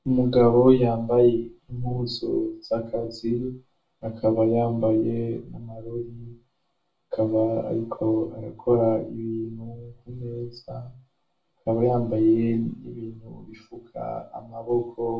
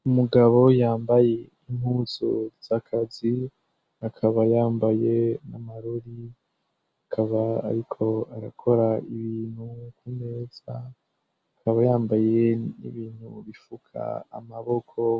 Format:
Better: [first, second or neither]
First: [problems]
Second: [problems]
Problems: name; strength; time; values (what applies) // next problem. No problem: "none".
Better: second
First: room echo; dies away in 0.2 s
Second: none